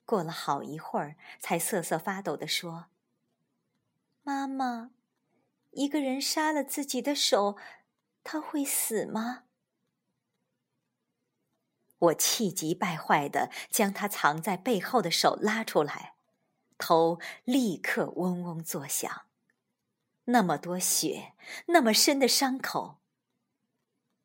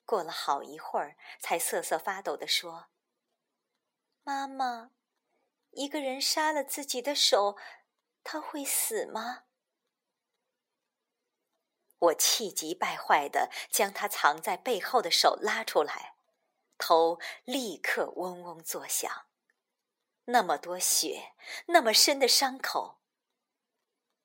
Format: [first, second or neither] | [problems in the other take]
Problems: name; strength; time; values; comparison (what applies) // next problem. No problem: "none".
first | thin; somewhat; fading below 500 Hz